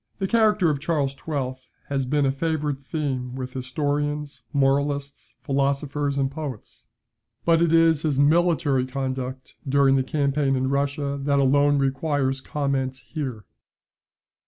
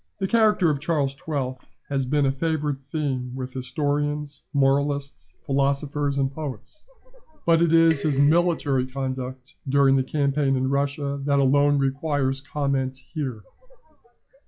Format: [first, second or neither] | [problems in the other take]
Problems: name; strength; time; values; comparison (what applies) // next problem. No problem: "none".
first | noise reduction (classical method log-MMSE)